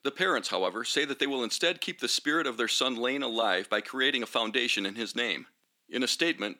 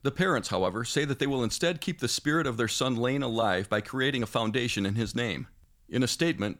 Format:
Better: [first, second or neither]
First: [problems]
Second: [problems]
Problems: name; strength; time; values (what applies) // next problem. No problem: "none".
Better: second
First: thin; very slightly; fading below 250 Hz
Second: none